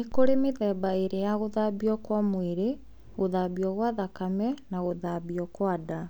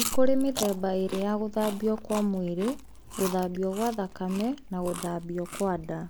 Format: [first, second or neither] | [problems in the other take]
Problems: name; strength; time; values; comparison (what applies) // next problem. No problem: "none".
first | background sound (Chewing, mastication); 12 dB below the speech